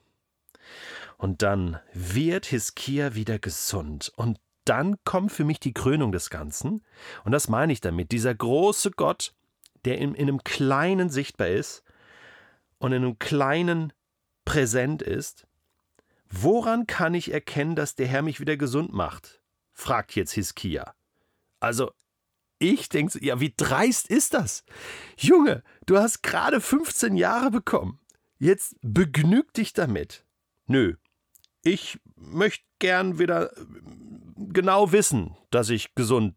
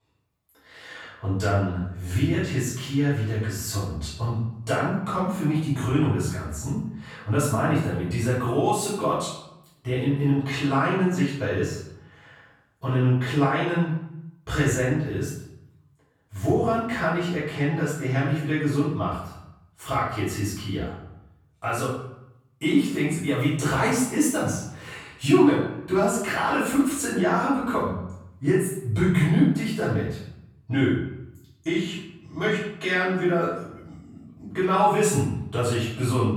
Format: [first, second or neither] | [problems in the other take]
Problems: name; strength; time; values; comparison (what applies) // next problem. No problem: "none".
first | off-mic speech; far // room echo; noticeable; dies away in 0.7 s